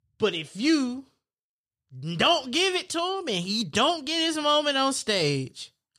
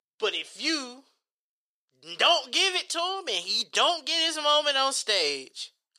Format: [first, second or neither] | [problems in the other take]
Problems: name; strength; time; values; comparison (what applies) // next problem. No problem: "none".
first | thin; very; fading below 450 Hz